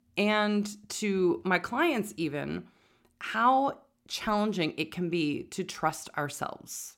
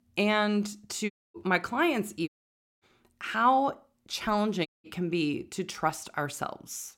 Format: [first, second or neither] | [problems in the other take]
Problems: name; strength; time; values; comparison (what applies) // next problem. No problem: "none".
first | audio cutting out; at 1 s, at 2.5 s for 0.5 s and at 4.5 s